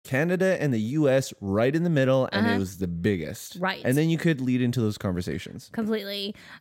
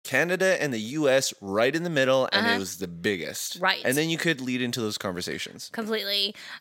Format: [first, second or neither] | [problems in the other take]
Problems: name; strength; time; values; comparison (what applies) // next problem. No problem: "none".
first | thin; somewhat; fading below 700 Hz